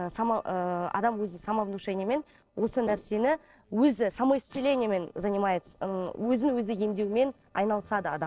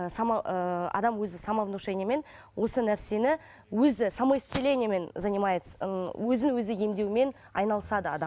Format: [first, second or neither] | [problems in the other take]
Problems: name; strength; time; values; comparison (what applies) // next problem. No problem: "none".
second | noise reduction (neural separator model SepFormer DNS4)